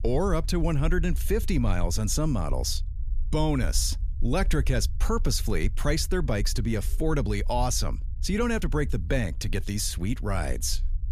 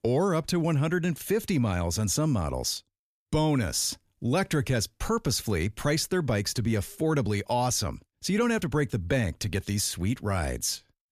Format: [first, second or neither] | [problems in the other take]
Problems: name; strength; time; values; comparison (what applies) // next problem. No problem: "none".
second | low rumble; faint; throughout; 25 dB below the speech